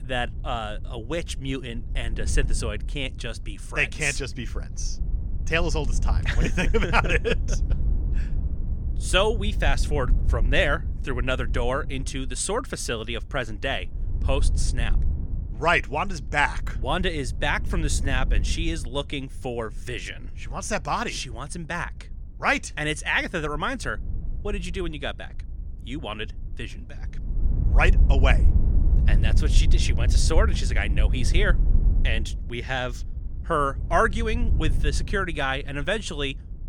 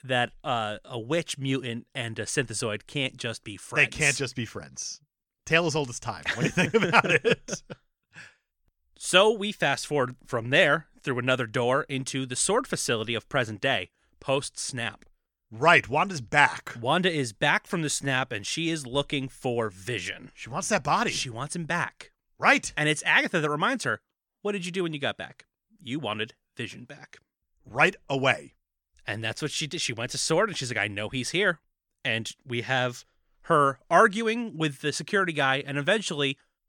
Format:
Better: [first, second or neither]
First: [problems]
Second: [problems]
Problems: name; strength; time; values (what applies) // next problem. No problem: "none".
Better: second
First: wind noise on the microphone; occasional gusts; 20 dB below the speech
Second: none